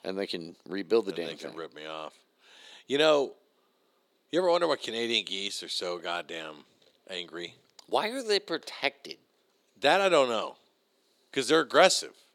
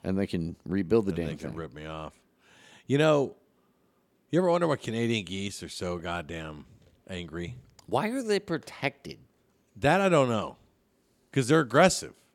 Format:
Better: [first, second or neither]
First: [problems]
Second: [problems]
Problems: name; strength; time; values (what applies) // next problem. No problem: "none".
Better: second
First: thin; somewhat; fading below 400 Hz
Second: none